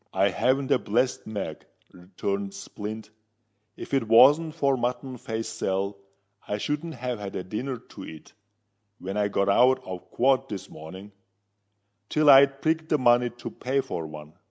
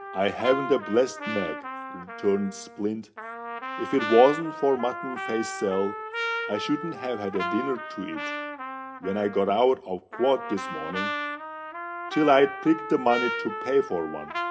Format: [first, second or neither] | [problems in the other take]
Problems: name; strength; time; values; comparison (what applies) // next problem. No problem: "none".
first | background sound (Trumpet); 7 dB below the speech // room echo; dies away in 0.3 s